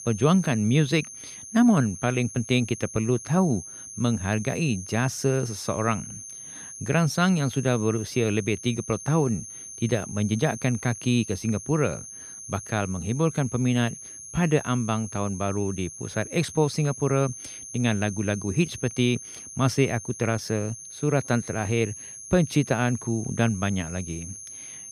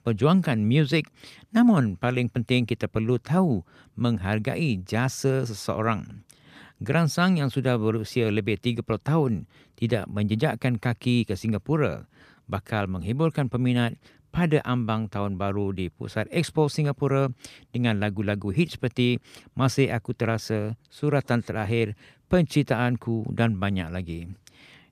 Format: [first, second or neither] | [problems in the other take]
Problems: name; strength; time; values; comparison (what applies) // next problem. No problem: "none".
second | high-pitched whine; noticeable; throughout; 6.5 kHz, 10 dB below the speech